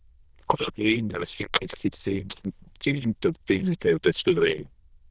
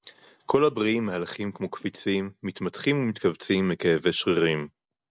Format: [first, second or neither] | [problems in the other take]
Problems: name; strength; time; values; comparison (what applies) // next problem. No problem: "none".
second | noise reduction (neural diffusion model UNIVERSE++)